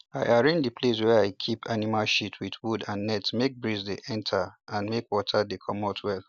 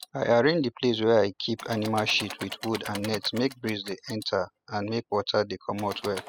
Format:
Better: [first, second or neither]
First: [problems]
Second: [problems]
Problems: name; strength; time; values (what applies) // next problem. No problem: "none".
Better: first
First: none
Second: noise reduction (classical method spectral subtraction)